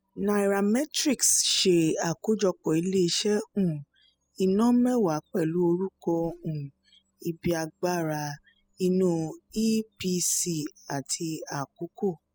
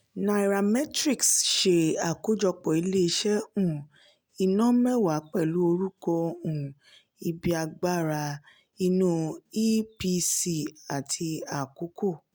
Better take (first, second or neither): second